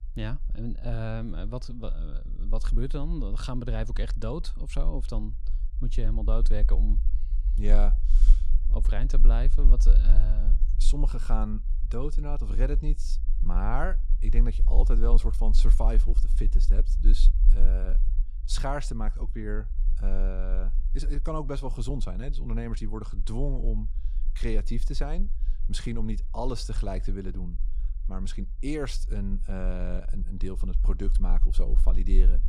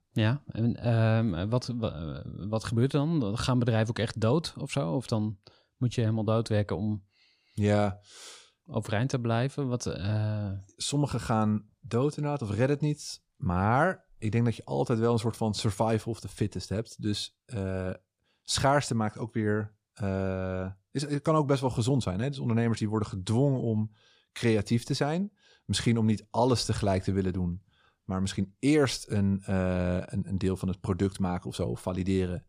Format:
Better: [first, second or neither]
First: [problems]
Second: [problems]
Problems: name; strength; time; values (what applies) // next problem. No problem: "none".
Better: second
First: low rumble; noticeable; throughout; 15 dB below the speech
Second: none